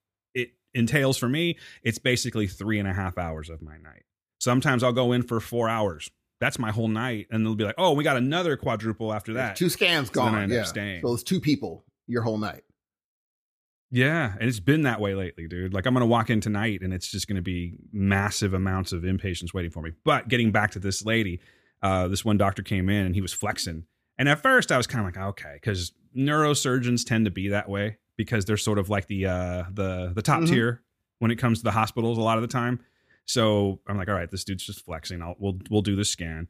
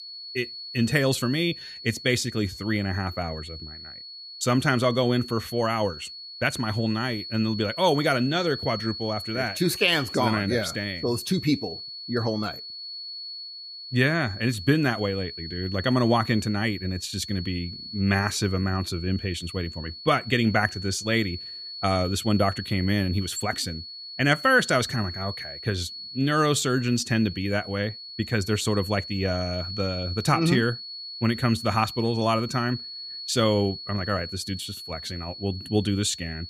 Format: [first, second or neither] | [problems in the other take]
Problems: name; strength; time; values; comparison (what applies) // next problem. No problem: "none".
first | high-pitched whine; noticeable; throughout; 4.5 kHz, 10 dB below the speech